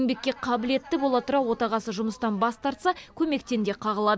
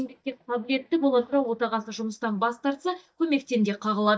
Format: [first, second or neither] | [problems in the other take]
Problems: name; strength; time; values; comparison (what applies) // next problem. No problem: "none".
first | noise reduction (neural mask model DeepFilterNet 3)